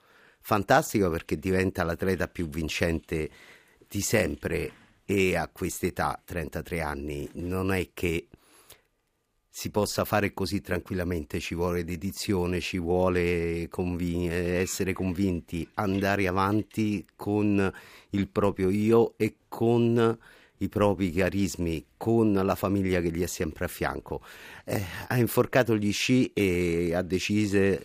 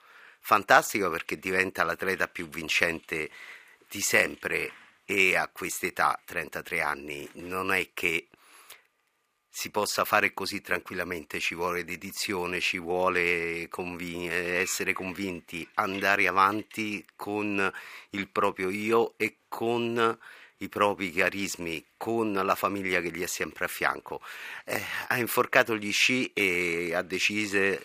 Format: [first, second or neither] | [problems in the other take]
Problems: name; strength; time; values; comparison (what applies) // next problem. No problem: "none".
first | thin; somewhat; fading below 650 Hz